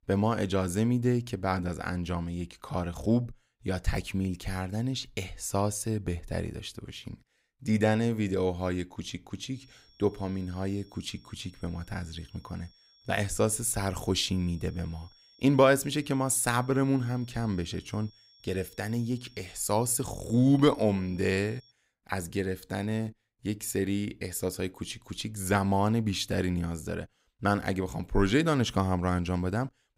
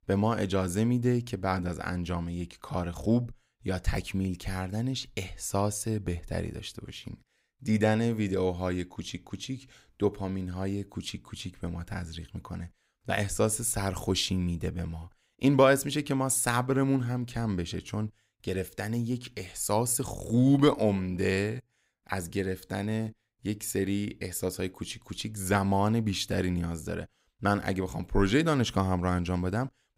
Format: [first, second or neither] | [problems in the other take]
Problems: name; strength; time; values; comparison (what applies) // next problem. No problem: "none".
second | high-pitched whine; faint; from 9.5 to 22 s; 5.5 kHz, 30 dB below the speech